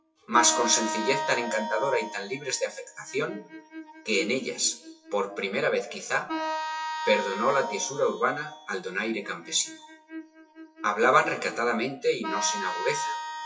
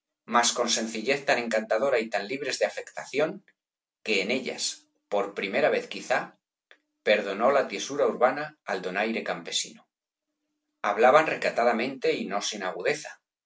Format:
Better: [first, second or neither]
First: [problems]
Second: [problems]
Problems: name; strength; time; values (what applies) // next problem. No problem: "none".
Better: second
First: noise reduction (classical method WPE with log-MMSE)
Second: none